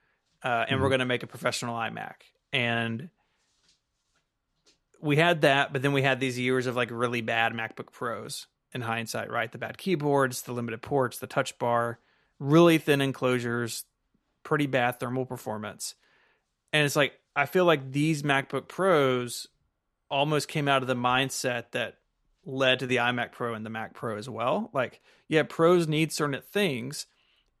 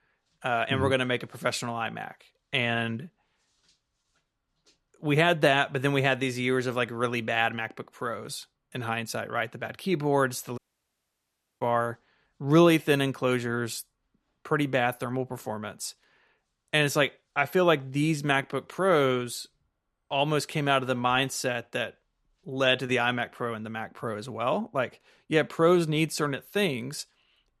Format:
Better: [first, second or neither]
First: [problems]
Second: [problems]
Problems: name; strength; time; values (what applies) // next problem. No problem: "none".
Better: first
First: none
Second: audio cutting out; at 11 s for 1 s